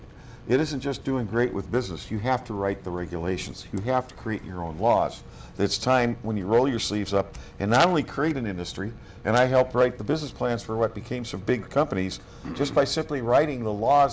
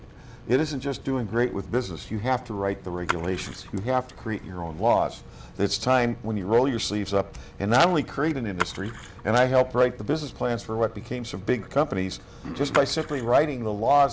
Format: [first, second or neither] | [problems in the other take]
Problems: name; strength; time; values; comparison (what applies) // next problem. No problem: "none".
first | background sound (Splash, splatter); 12 dB below the speech